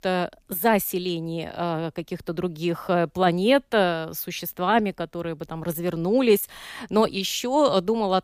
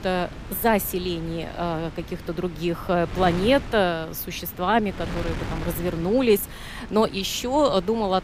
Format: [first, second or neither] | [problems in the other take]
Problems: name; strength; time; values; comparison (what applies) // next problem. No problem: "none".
first | wind noise on the microphone; occasional gusts; 15 dB below the speech